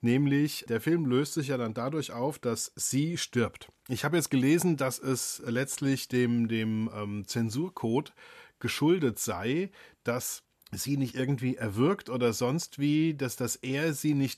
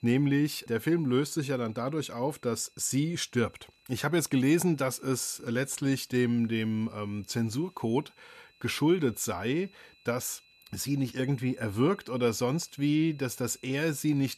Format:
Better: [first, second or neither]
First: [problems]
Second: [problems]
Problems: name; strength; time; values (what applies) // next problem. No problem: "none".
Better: first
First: none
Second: high-pitched whine; faint; throughout; 4 kHz, 30 dB below the speech